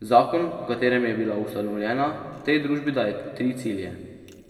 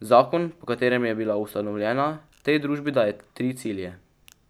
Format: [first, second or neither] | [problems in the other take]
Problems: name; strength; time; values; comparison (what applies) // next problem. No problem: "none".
second | room echo; dies away in 1.9 s